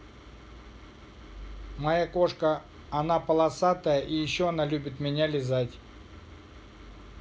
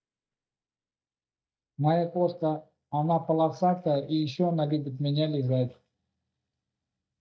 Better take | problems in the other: first | noise reduction (neural mask model DeepFilterNet 3)

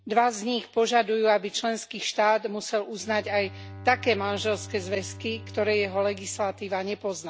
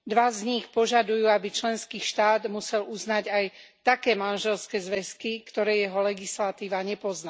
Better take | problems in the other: second | background sound (Bowed string instrument); 18 dB below the speech

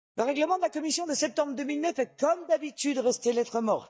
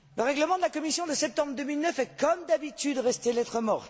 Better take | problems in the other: second | noise reduction (neural mask model DeepFilterNet 3)

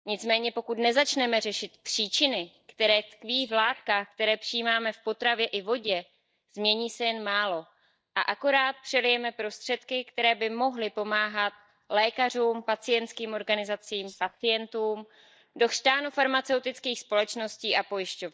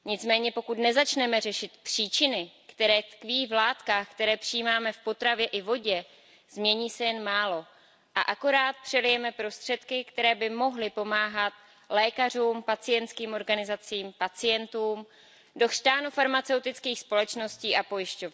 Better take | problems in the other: second | noise reduction (neural mask model DeepFilterNet 3)

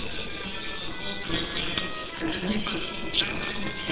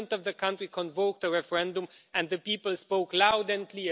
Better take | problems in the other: second | noise reduction (neural separator model SepFormer WHAMR!)

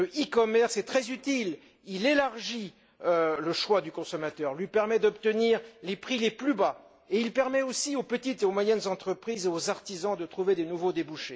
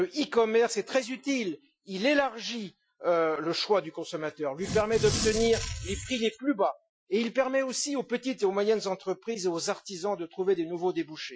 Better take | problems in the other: first | noise reduction (classical method Wiener filter)

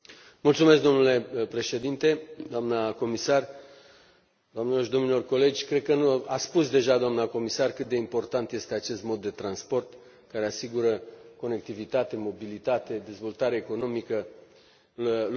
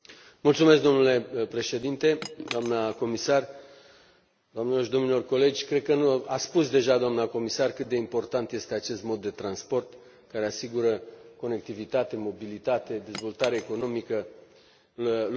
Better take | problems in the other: first | background sound (Cutlery, silverware / Chink, clink); 17 dB below the speech

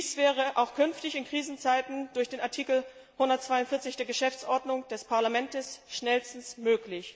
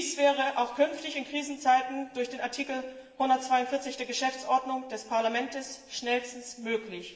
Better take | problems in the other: first | room echo; dies away in 1 s

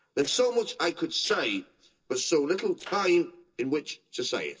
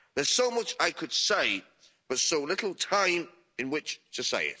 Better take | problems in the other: second | noise reduction (neural separator model SepFormer DNS4)

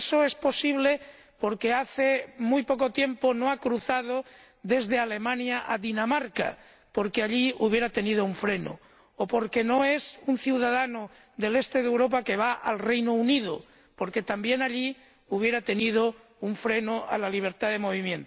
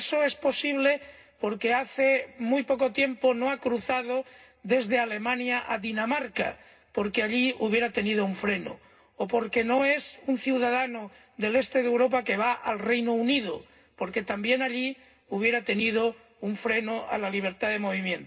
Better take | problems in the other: first | room echo; dies away in 0.2 s

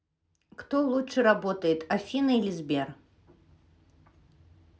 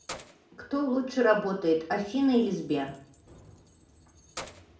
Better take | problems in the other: first | background sound (Keys jangling); 20 dB below the speech // room echo; dies away in 0.5 s

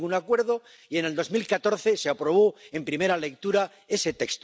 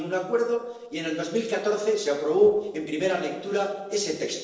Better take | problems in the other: first | noise reduction (neural separator model SepFormer DNS4)

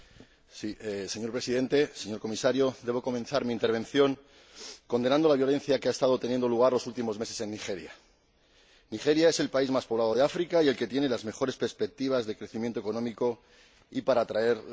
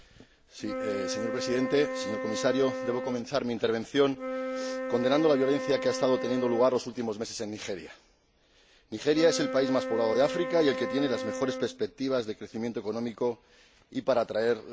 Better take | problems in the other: first | background sound (Wind instrument, woodwind instrument); 6 dB below the speech

